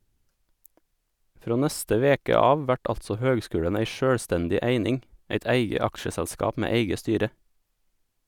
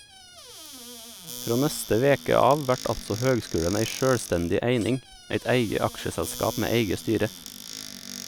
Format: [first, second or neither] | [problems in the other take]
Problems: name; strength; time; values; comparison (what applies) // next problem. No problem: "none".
first | background sound (Squeak / Cupboard open or close); 14 dB below the speech